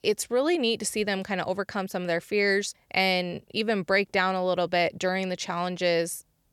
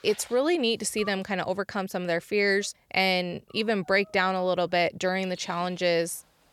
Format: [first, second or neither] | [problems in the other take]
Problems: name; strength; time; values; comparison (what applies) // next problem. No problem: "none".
first | animal sounds; faint; throughout; 25 dB below the speech